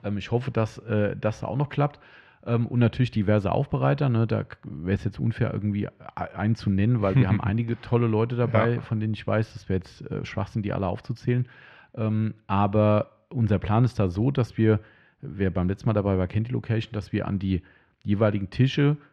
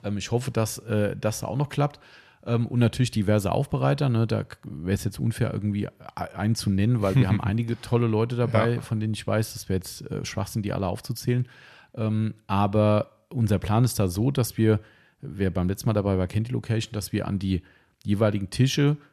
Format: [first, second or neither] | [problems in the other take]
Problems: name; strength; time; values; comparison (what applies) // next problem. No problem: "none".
second | muffled; slightly; fading above 2.5 kHz